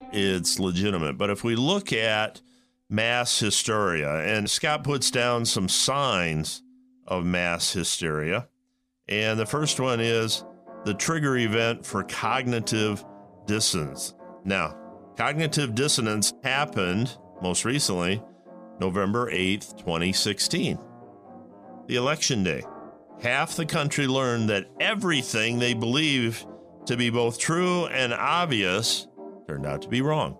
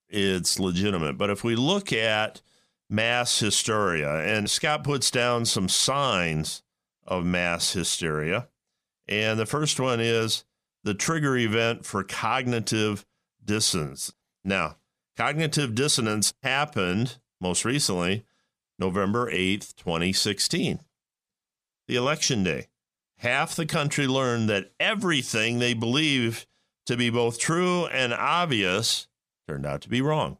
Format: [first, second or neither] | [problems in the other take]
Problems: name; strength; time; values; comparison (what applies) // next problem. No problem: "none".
second | background music; faint; throughout; 20 dB below the speech